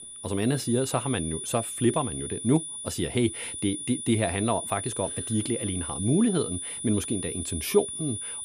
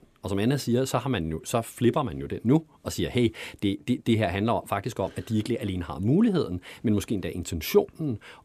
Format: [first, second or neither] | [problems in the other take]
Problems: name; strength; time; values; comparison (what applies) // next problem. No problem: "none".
second | high-pitched whine; loud; throughout; 9.5 kHz, 5 dB below the speech